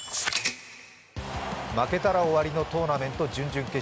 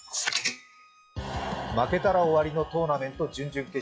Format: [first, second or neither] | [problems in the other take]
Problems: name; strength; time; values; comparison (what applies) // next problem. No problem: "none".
first | noise reduction (classical method log-MMSE)